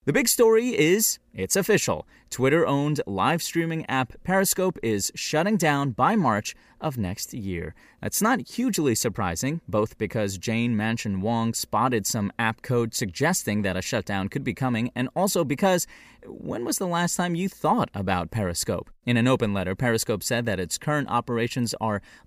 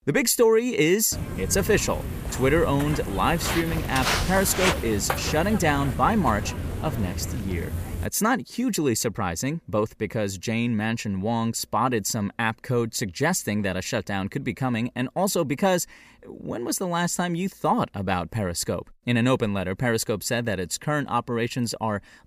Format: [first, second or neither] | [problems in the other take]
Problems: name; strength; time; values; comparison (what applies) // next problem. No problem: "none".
first | footsteps; loud; from 1 to 8 s; peak 1 dB above the speech